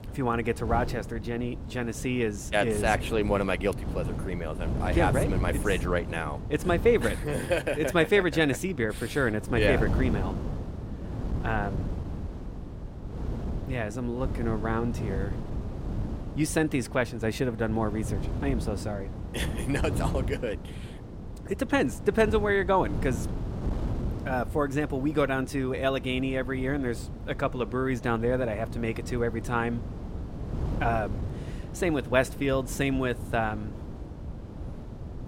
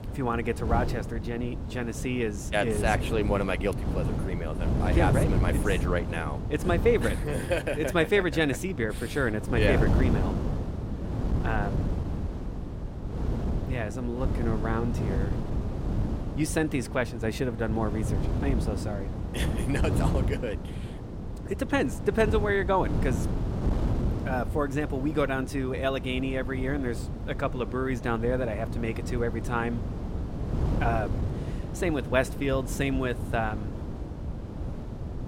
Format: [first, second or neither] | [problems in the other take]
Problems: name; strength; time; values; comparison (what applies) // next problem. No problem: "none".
first | wind noise on the microphone; heavy; 9 dB below the speech; occasional gusts in the first